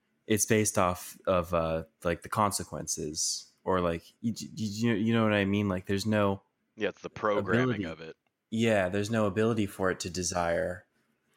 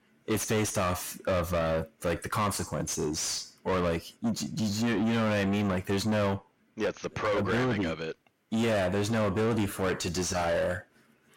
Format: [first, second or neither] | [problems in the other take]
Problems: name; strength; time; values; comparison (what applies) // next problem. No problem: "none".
first | distortion; heavy; 6 dB below the speech